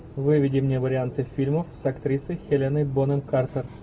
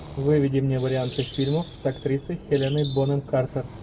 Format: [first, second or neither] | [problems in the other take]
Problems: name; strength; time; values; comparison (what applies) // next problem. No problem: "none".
first | background sound (Bird + Breathing); 18 dB below the speech